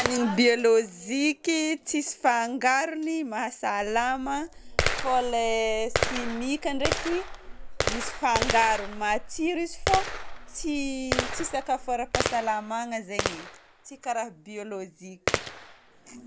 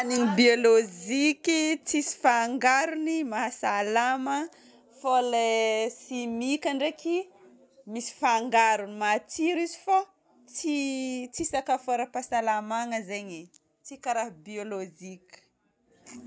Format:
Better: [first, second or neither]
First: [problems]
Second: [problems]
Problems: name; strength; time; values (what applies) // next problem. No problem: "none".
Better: second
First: background sound (Gunshot, gunfire); 5 dB below the speech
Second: none